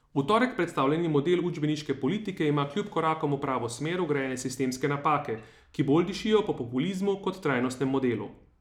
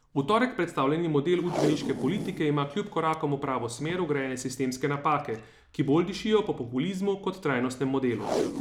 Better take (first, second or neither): first